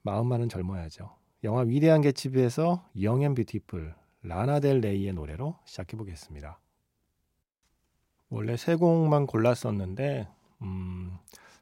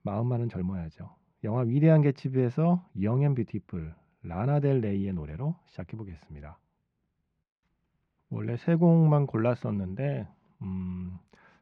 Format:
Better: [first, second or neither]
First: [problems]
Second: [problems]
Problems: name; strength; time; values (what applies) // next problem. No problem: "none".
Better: first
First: none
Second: muffled; slightly; fading above 2.5 kHz